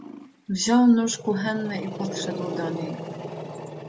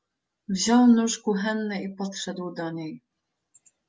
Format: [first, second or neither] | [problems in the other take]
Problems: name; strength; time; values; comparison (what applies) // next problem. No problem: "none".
second | background sound (Growling); 10 dB below the speech